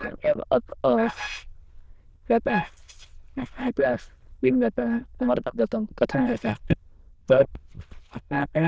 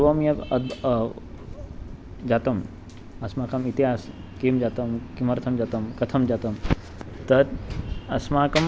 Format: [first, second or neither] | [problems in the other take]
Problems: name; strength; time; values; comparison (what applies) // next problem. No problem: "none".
second | noise reduction (neural diffusion model UNIVERSE++)